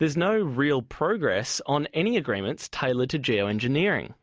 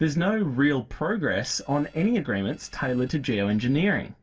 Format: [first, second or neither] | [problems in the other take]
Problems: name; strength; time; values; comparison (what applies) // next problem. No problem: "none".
first | noise reduction (neural separator model SepFormer DNS4)